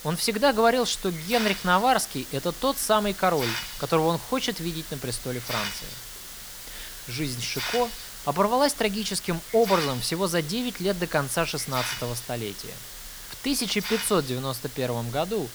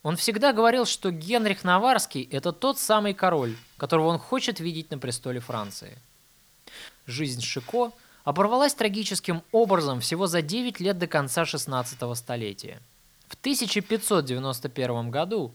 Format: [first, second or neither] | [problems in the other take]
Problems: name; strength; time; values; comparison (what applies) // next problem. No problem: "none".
second | hiss; loud; throughout; 9 dB below the speech; faint in the second